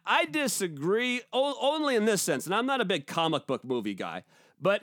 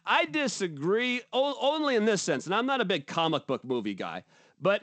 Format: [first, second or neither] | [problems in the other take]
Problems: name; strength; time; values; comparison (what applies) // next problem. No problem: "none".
first | garbled, watery; slightly; nothing above 8 kHz